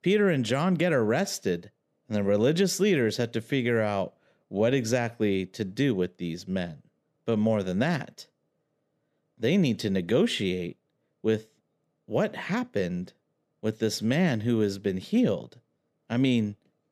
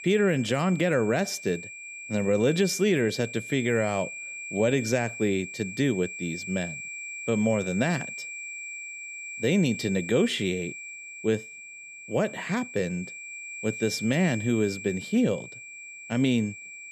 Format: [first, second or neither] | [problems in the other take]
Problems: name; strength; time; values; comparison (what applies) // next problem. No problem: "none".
first | high-pitched whine; loud; throughout; 2.5 kHz, 10 dB below the speech